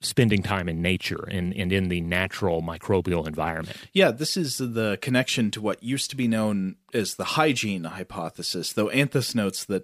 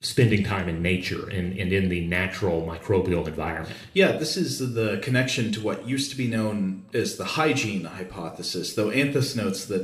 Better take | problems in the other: first | room echo; slight; dies away in 0.6 s

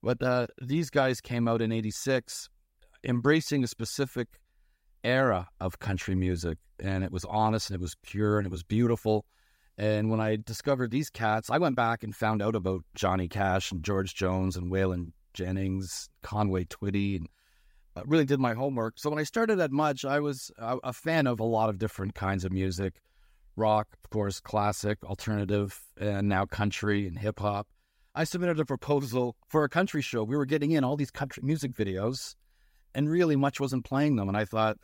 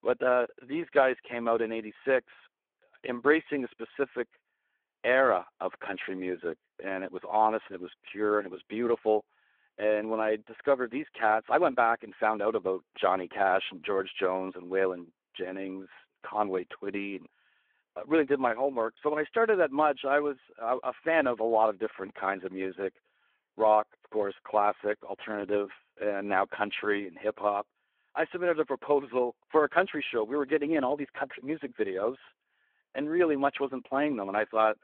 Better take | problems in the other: first | phone-call audio

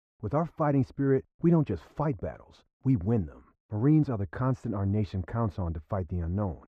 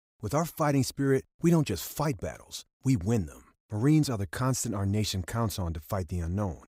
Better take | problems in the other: second | muffled; very; fading above 4 kHz

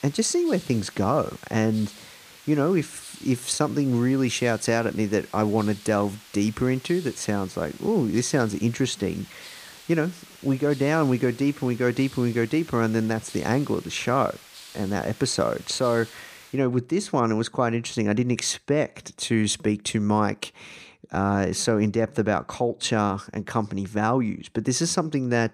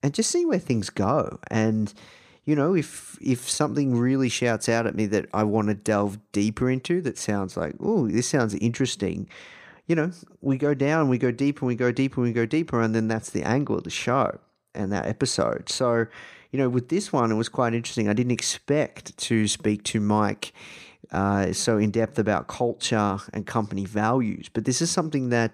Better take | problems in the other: second | hiss; noticeable; until 17 s; 20 dB below the speech

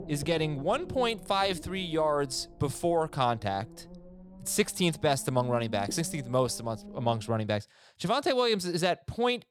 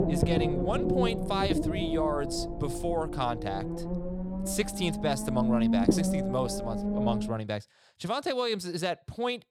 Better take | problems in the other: first | low rumble; loud; until 7.5 s; 2 dB below the speech; faint in the first

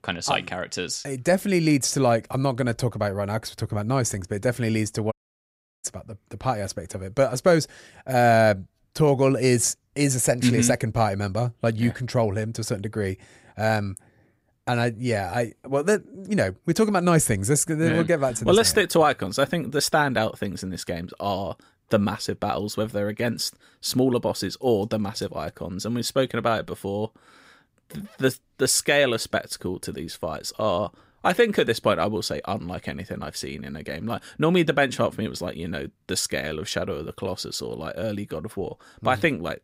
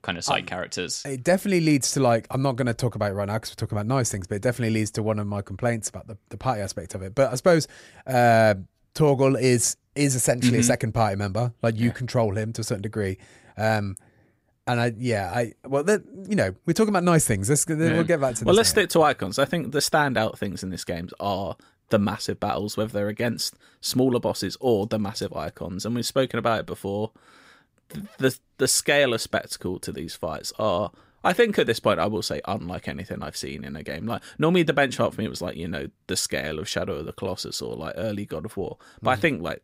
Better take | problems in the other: second | audio cutting out; at 5 s for 0.5 s

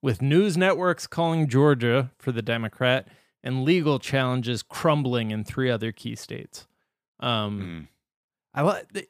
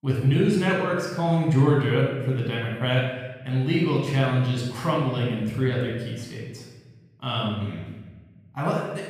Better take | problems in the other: first | off-mic speech; far // room echo; noticeable; dies away in 1.1 s

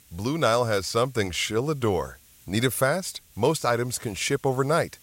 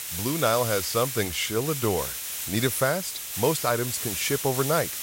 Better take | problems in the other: first | hiss; loud; throughout; 4 dB below the speech; faint in the first

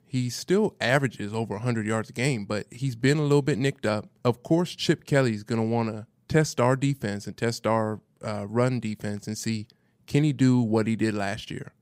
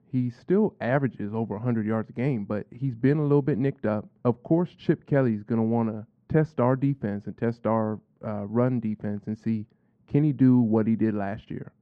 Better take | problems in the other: first | muffled; very; fading above 1.5 kHz

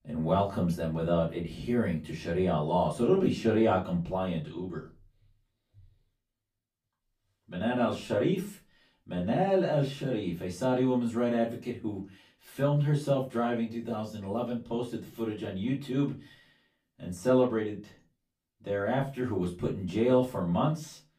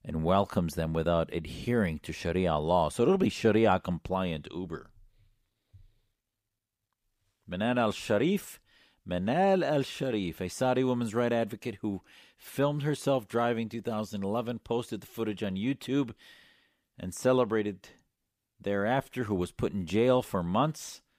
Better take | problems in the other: second | off-mic speech; far // room echo; slight; dies away in 0.3 s

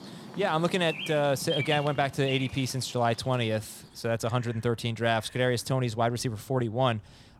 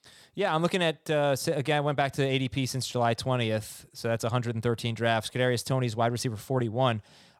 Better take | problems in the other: second | animal sounds; noticeable; throughout; 10 dB below the speech

